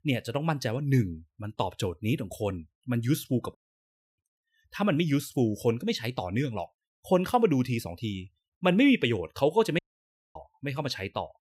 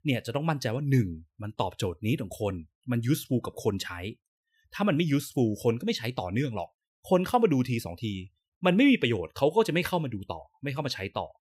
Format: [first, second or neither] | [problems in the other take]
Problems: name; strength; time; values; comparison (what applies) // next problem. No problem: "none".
second | audio cutting out; at 3.5 s for 0.5 s and at 10 s for 0.5 s